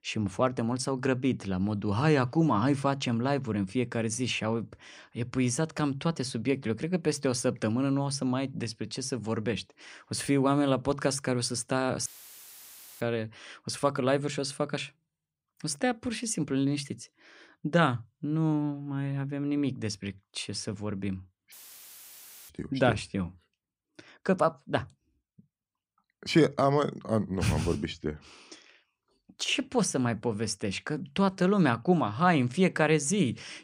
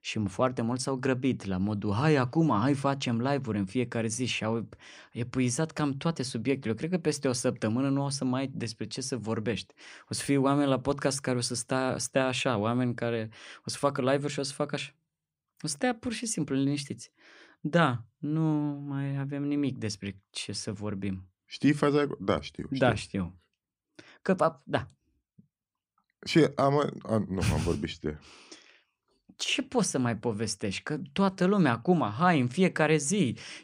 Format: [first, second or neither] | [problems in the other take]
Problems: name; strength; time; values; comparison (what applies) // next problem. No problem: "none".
second | audio cutting out; filled with static; at 12 s for 1 s and at 22 s for 1 s